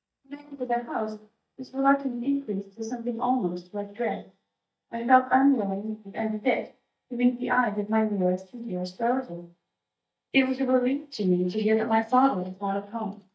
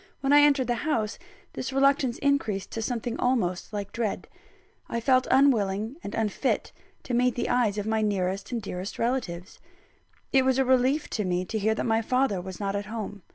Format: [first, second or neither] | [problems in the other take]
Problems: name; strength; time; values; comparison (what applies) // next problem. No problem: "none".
second | noise reduction (neural mask model DeepFilterNet 3)